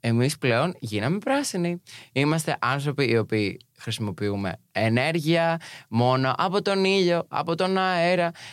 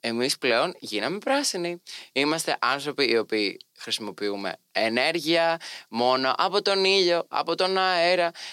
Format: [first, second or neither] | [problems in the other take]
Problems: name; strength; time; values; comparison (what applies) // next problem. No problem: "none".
first | thin; somewhat; fading below 300 Hz